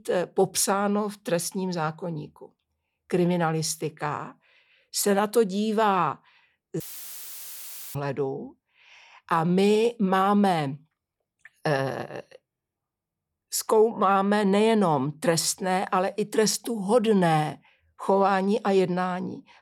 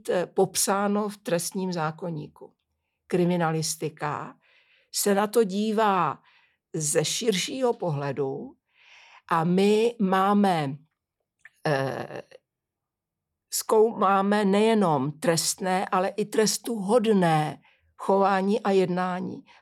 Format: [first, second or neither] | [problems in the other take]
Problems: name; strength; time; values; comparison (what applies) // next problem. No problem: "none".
second | audio cutting out; filled with static; at 7 s for 1 s